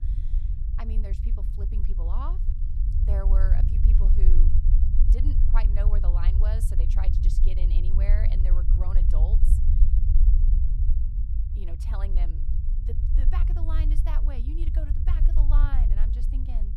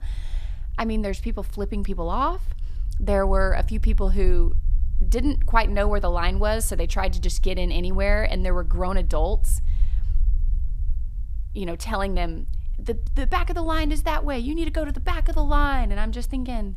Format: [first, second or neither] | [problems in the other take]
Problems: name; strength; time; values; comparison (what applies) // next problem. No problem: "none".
second | low rumble; loud; throughout; 3 dB below the speech; faint in the second